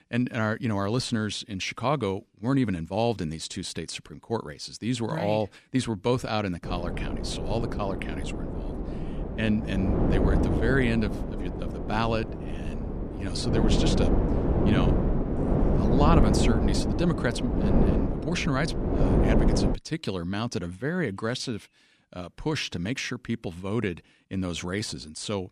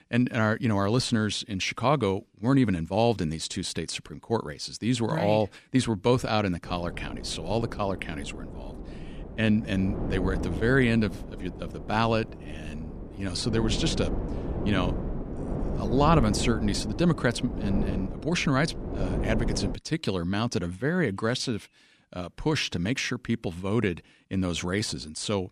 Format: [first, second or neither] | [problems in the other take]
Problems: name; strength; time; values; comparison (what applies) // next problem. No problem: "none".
second | wind noise on the microphone; heavy; from 6.5 to 20 s; 1 dB below the speech; occasional gusts in the second